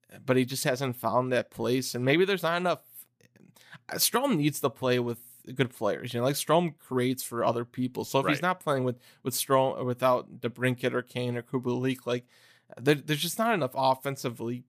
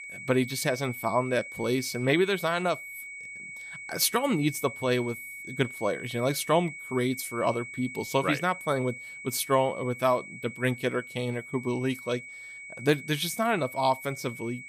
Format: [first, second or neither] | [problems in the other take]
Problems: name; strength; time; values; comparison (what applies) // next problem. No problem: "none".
first | high-pitched whine; noticeable; throughout; 2 kHz, 10 dB below the speech